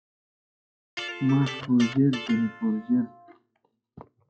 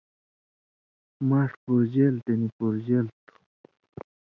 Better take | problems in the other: second | noise reduction (classical method WPE with log-MMSE)

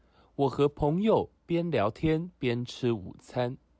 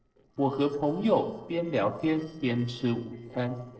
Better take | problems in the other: first | noise reduction (neural separator model SepFormer DNS4)

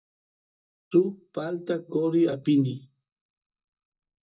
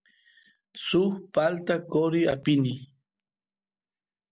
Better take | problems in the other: second | noise reduction (neural mask model DeepFilterNet 3)

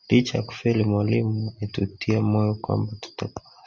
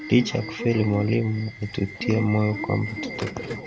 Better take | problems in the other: first | background sound (Subway, metro, underground / Alarm); 10 dB below the speech

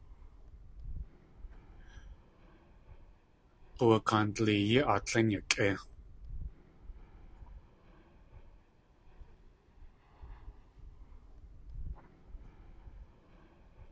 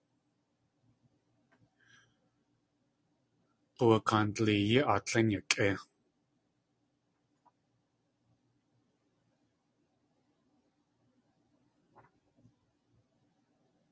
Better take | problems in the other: second | background sound (Fixed-wing aircraft, airplane); 13 dB below the speech

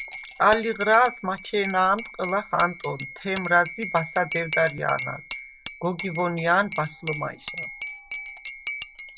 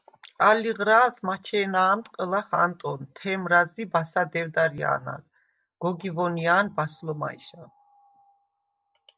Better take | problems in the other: second | background sound (Cutlery, silverware / Dishes, pots, and pans / Chink, clink); 10 dB below the speech

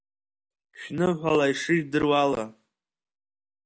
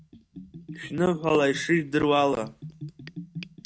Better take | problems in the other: first | background sound (Bathtub (filling or washing) / Gurgling); 16 dB below the speech

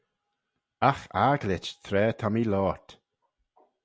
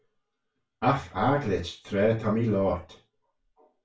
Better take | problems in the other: first | room echo; dies away in 0.2 s

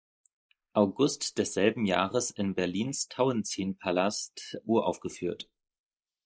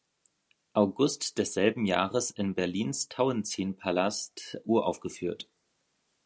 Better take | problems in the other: second | noise reduction (neural mask model Resemble Enhance denoiser)

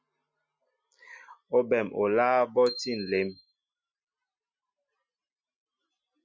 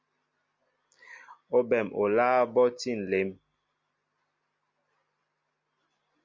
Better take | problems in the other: second | noise reduction (classical method Wiener filter)

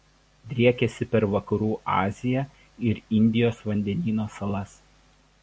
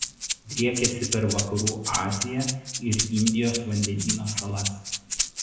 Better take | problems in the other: first | background sound (Rattle (instrument)); 3 dB below the speech // room echo; dies away in 0.9 s

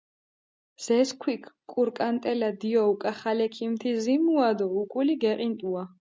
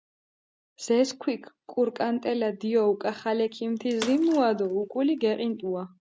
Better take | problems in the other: first | background sound (Bathtub (filling or washing) / Water / Splash, splatter); 17 dB below the speech

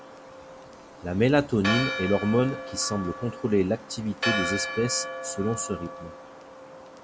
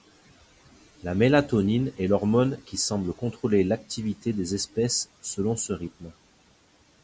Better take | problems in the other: second | background sound (Church bell); 7 dB below the speech

